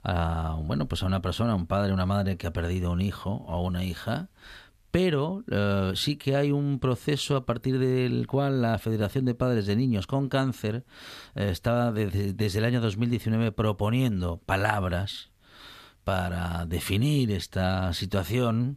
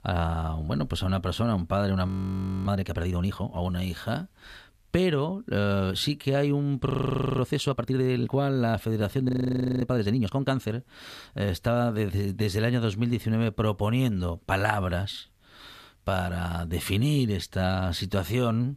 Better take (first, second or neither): first